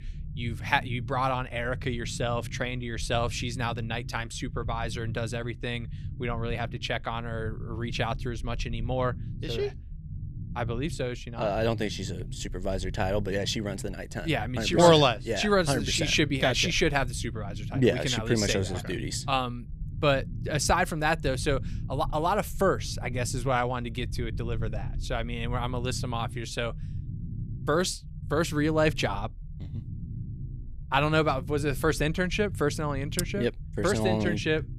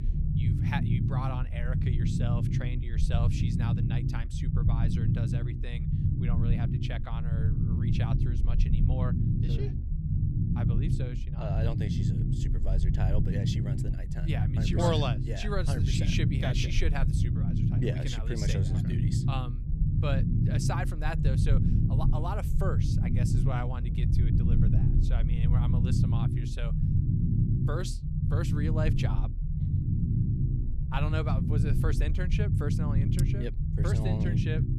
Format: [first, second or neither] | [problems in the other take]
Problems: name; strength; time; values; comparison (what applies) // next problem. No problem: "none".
first | low rumble; loud; throughout; 1 dB below the speech; faint in the first